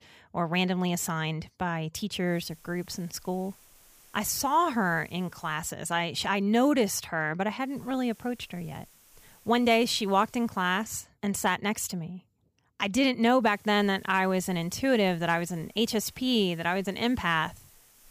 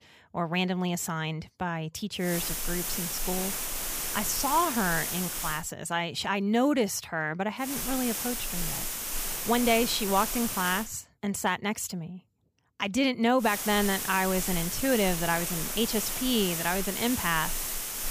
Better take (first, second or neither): first